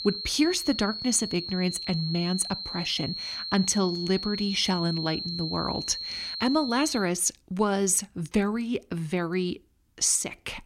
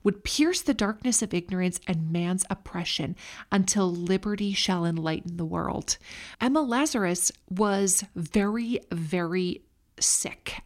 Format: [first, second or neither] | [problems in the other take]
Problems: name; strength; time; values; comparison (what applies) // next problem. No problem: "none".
second | high-pitched whine; loud; until 7 s; 4.5 kHz, 6 dB below the speech